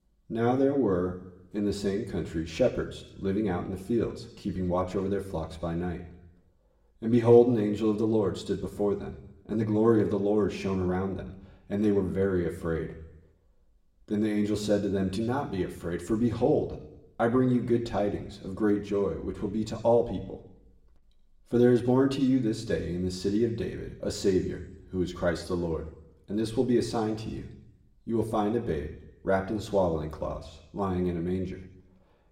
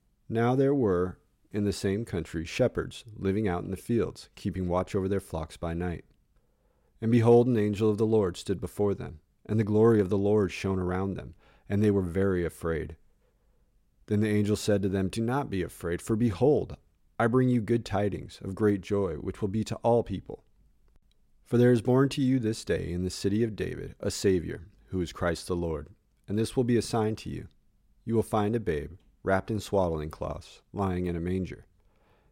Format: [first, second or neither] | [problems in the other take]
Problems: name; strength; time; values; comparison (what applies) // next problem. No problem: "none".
second | room echo; slight; dies away in 0.8 s // off-mic speech; somewhat distant